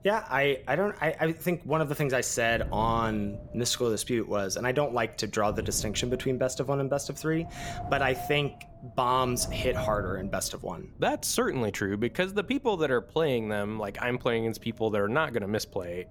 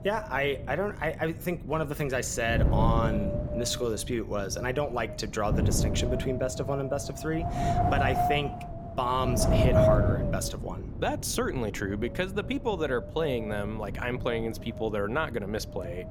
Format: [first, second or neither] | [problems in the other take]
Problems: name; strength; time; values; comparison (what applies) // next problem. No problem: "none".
first | wind noise on the microphone; heavy; 1 dB below the speech; occasional gusts in the first